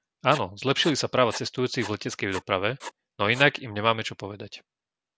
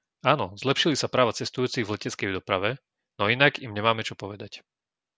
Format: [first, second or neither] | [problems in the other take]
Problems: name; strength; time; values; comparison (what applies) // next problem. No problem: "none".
second | background sound (Writing); 16 dB below the speech